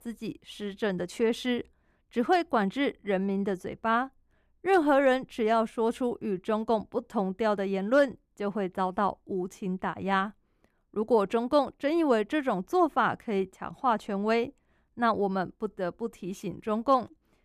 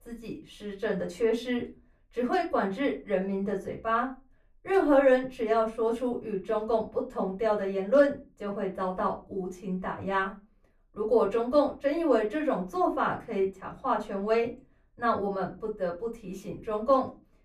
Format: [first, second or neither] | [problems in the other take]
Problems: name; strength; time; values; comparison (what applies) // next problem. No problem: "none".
first | off-mic speech; far // room echo; very slight; dies away in 0.3 s